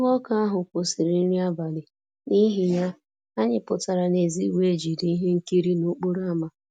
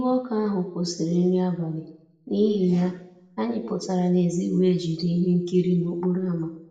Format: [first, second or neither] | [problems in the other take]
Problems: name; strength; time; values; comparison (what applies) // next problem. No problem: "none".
first | room echo; dies away in 0.8 s